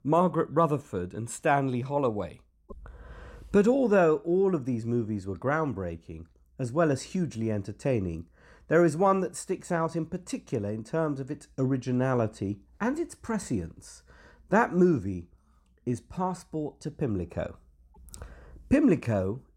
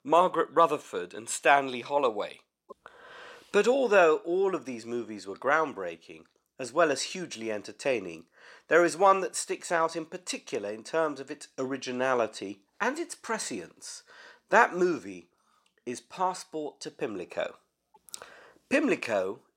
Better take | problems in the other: first | thin; somewhat; fading below 450 Hz

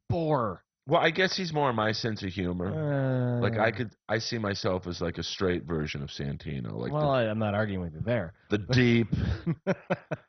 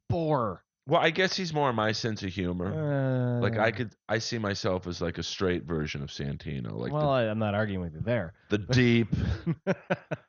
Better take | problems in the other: second | garbled, watery; badly; nothing above 6 kHz; slightly in the second

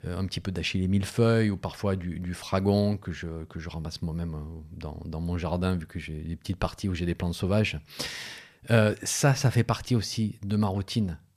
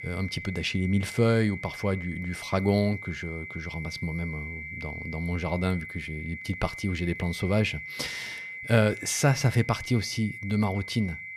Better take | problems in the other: first | high-pitched whine; loud; throughout; 2 kHz, 9 dB below the speech

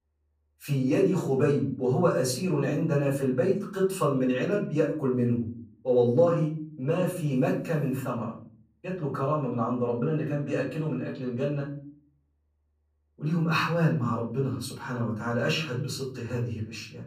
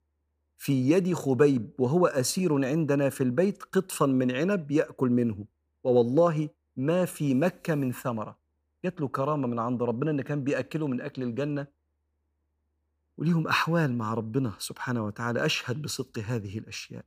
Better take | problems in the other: second | off-mic speech; far // room echo; slight; dies away in 0.5 s

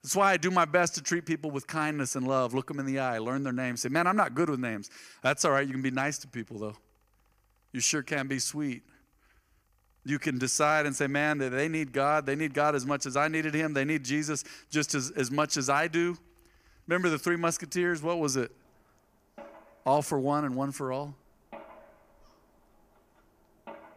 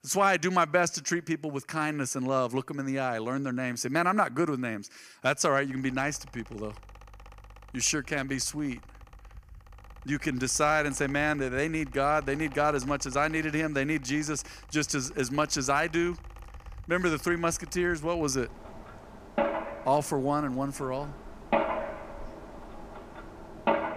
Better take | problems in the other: first | machinery noise; loud; from 6 s on; 10 dB below the speech; faint in the first

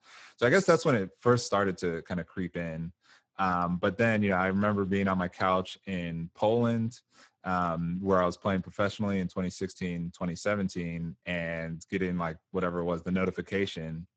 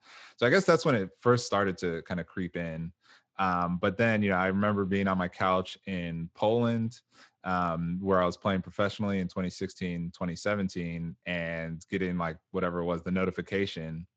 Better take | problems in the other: second | garbled, watery; badly; nothing above 8 kHz; slightly in the second

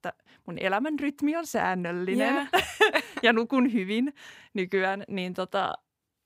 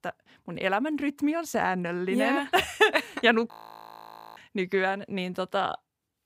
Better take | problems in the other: first | audio freezing; at 3.5 s for 1 s

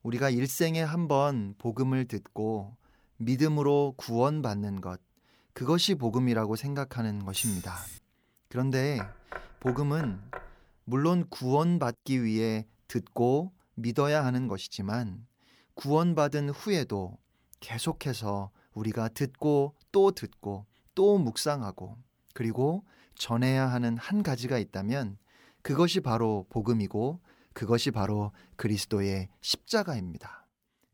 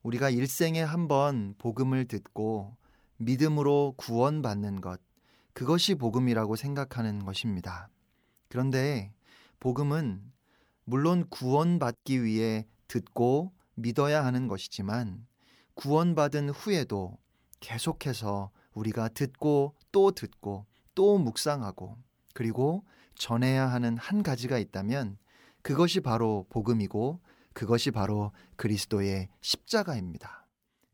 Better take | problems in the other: second | jangling keys; noticeable; at 7.5 s; peak 3 dB below the speech // door banging; faint; from 9 to 11 s; peak 10 dB below the speech

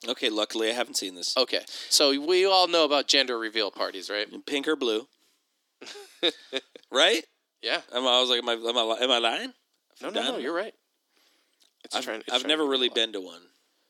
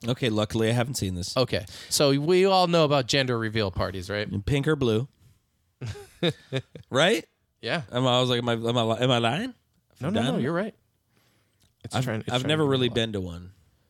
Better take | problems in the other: second | thin; somewhat; fading below 300 Hz

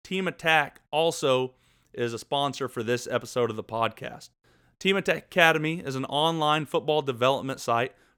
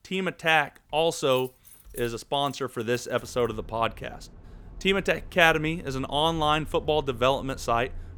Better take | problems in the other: first | traffic noise; faint; throughout; 20 dB below the speech

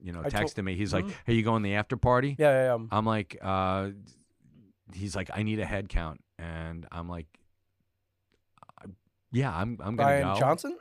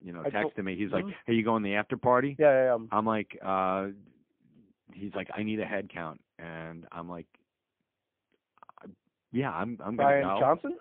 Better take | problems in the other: first | phone-call audio; poor line; nothing above 3.5 kHz

